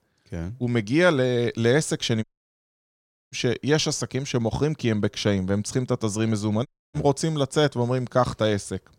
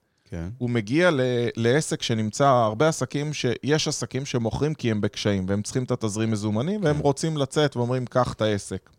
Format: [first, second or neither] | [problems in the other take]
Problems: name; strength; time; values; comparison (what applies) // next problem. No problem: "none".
second | audio cutting out; at 2 s for 1 s and at 6.5 s